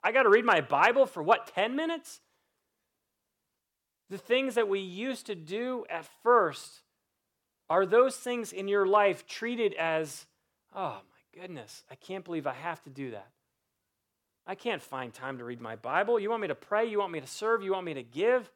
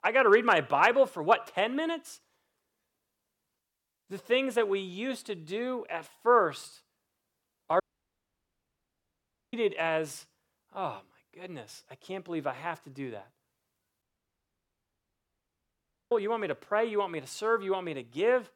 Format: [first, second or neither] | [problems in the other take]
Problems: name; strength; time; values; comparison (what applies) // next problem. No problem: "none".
first | audio cutting out; at 8 s for 1.5 s and at 14 s for 2 s